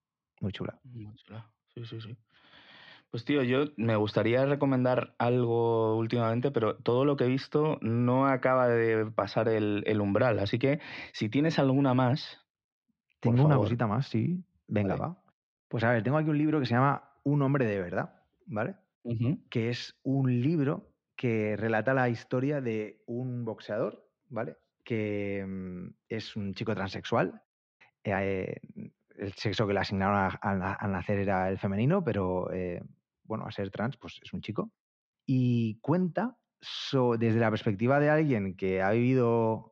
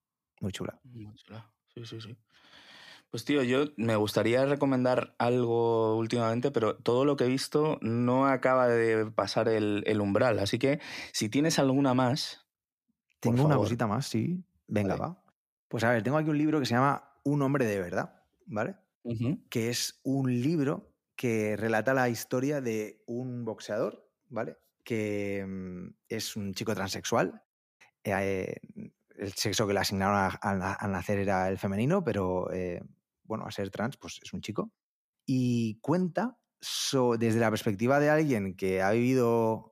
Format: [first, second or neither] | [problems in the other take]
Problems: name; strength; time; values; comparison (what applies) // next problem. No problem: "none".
second | muffled; slightly; fading above 4 kHz